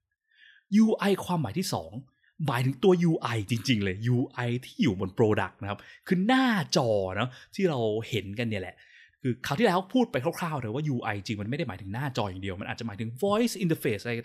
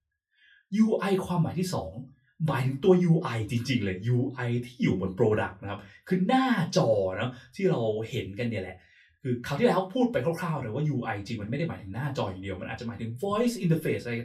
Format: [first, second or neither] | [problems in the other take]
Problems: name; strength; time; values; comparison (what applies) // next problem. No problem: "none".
first | off-mic speech; far // room echo; very slight; dies away in 0.2 s